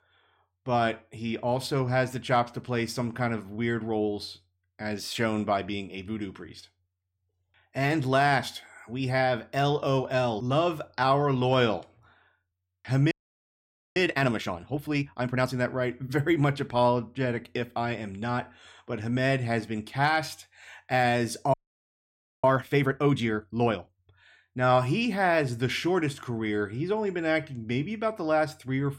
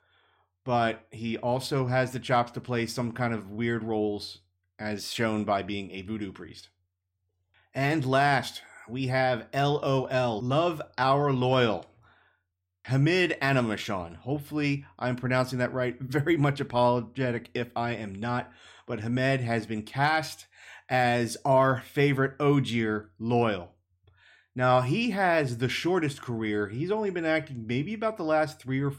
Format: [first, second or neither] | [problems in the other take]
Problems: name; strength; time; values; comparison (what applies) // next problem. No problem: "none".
second | audio freezing; at 13 s for 1 s and at 22 s for 1 s